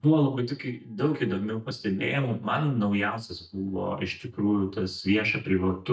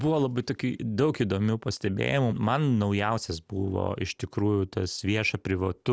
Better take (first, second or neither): second